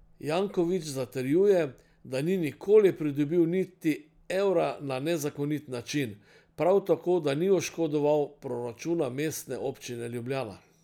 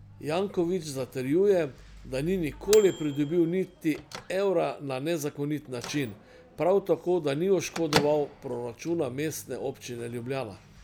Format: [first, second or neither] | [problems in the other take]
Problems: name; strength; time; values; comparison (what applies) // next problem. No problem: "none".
first | background sound (Microwave oven / Bell); 13 dB below the speech